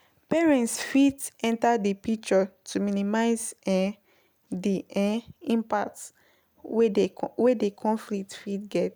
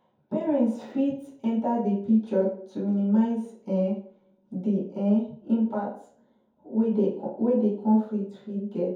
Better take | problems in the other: first | room echo; dies away in 0.6 s

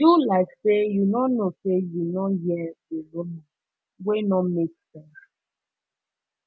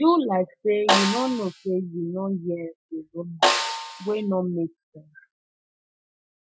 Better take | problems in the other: first | noise reduction (classical method Wiener filter)

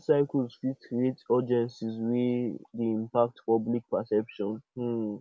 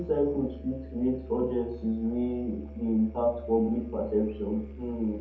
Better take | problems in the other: first | background sound (Musical instrument); 13 dB below the speech // room echo; dies away in 0.6 s

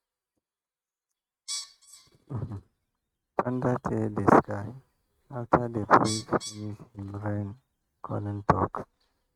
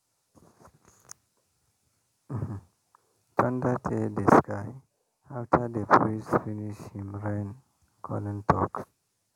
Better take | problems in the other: second | noise reduction (neural mask model RNNoise)

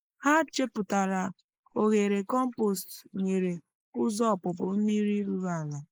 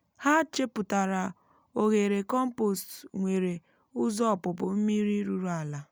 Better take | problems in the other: second | noise reduction (neural mask model Resemble Enhance denoiser)

